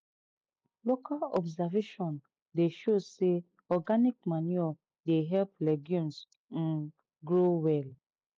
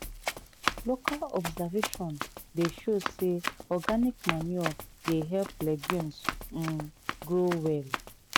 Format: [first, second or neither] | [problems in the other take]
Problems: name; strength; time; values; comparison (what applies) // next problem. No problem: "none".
first | background sound (Run); 5 dB below the speech